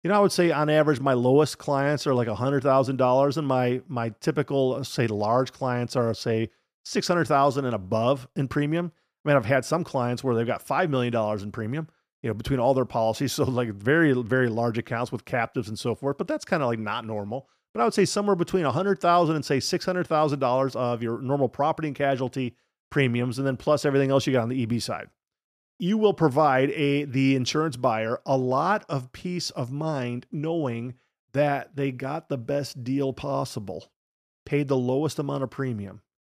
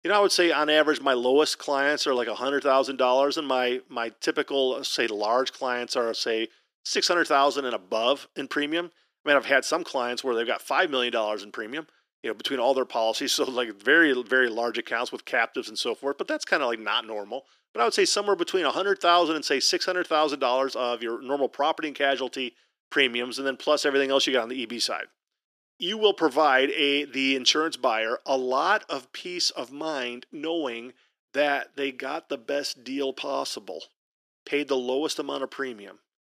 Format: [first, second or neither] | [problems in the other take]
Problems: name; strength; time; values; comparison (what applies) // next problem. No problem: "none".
first | thin; somewhat; fading below 300 Hz